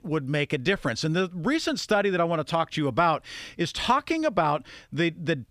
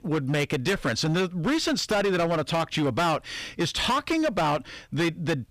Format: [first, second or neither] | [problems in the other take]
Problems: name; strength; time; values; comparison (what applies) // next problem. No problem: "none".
first | distortion; heavy; 18% of the sound clipped